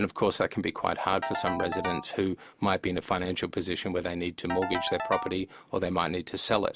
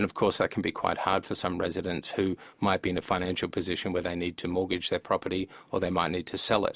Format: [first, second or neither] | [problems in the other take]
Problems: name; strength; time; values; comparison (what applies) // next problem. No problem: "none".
second | background sound (Ringtone / Keyboard (musical)); 7 dB below the speech